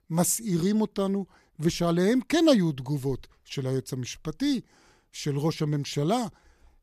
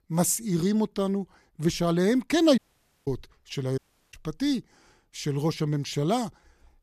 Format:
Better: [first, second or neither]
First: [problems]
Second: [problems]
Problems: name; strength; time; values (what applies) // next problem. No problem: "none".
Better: first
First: none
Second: audio cutting out; at 2.5 s and at 4 s